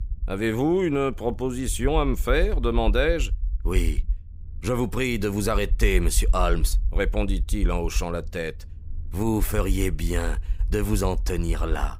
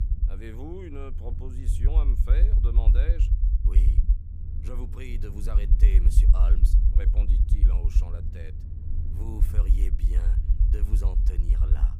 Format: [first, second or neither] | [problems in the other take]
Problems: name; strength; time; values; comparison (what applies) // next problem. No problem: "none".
first | low rumble; loud; throughout; 2 dB below the speech; faint in the first